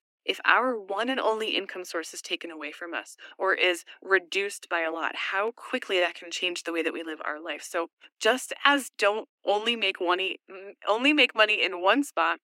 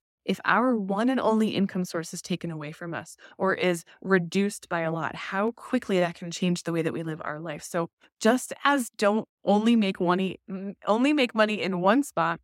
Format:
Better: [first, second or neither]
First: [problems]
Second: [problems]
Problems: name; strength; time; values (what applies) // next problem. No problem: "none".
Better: second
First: thin; somewhat; fading below 300 Hz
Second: none